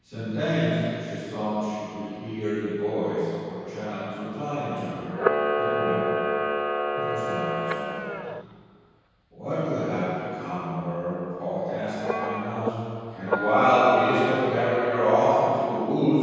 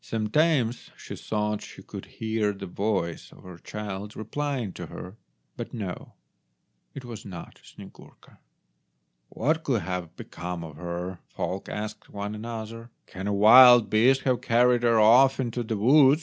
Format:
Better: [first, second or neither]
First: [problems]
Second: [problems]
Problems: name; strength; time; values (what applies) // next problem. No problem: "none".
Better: second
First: background sound (Camera); 5 dB below the speech // room echo; dies away in 2.2 s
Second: none